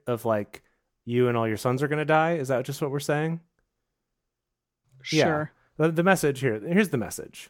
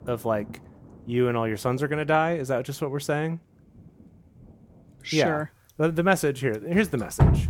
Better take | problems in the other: first | rain or running water; loud; throughout; 2 dB below the speech

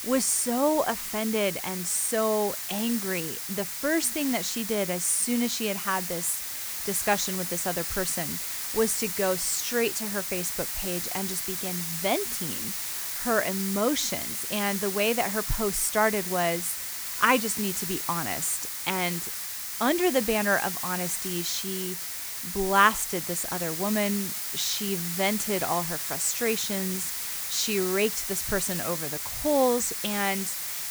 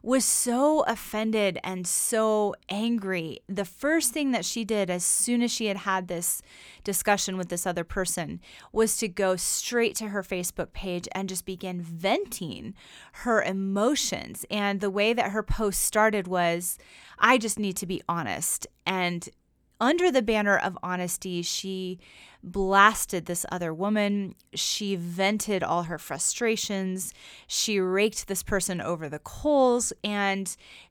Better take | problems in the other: second | hiss; loud; throughout; 2 dB below the speech

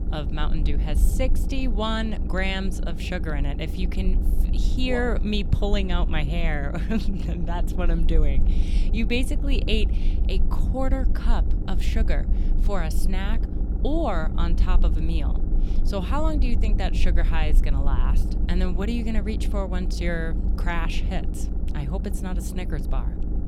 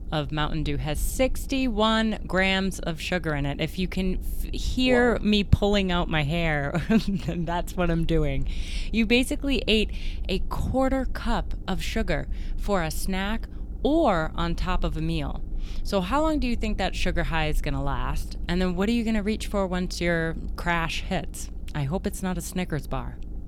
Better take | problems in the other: second | low rumble; loud; throughout; 10 dB below the speech; faint in the second

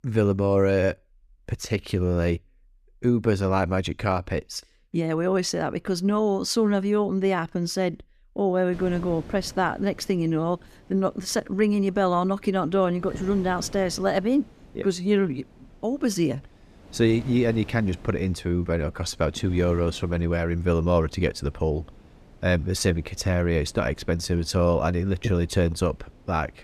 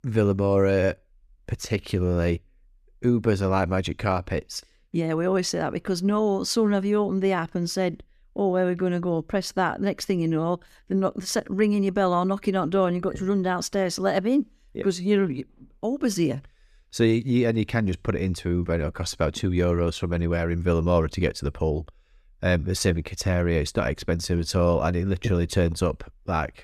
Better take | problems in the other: second | wind noise on the microphone; occasional gusts; from 8.5 s on; 25 dB below the speech

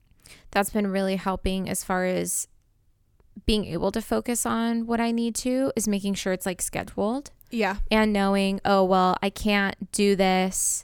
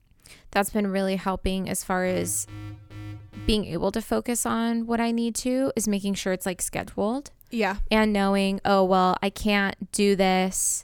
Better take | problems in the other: first | alarm; faint; from 2 to 3.5 s; peak 15 dB below the speech

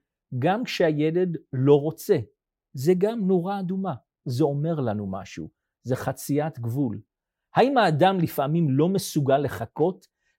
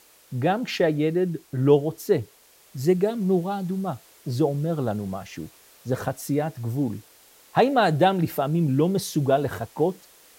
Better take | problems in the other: first | hiss; faint; throughout; 25 dB below the speech

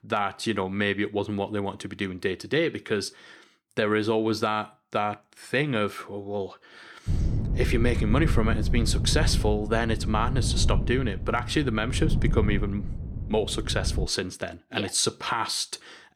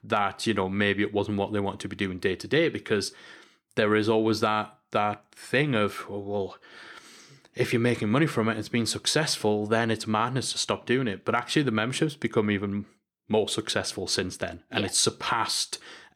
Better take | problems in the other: second | wind noise on the microphone; occasional gusts; from 7 to 14 s; 15 dB below the speech

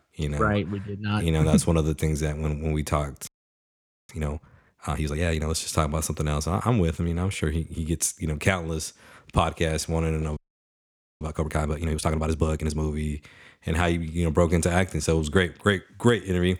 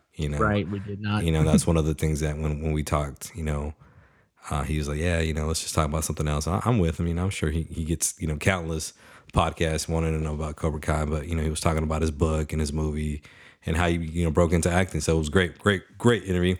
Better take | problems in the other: second | audio freezing; at 3.5 s for 1 s and at 10 s for 1 s

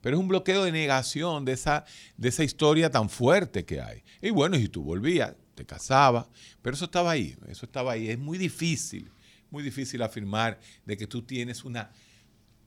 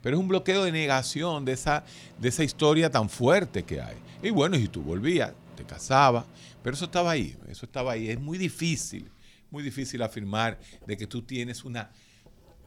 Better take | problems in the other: first | household noises; faint; throughout; 25 dB below the speech

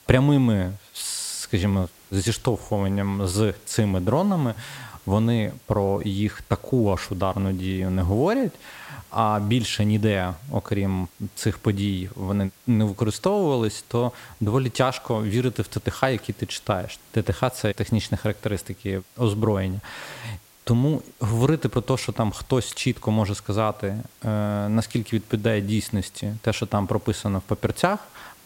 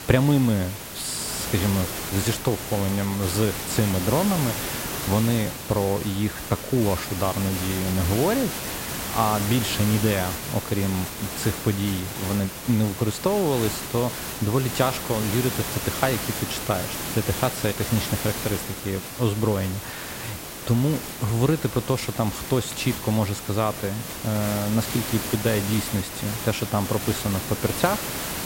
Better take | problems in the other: first | hiss; loud; throughout; 5 dB below the speech; faint in the first

